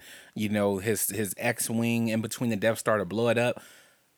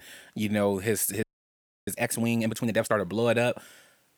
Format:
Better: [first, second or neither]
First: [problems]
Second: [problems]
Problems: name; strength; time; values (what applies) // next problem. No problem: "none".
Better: first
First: none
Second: audio freezing; at 1 s for 0.5 s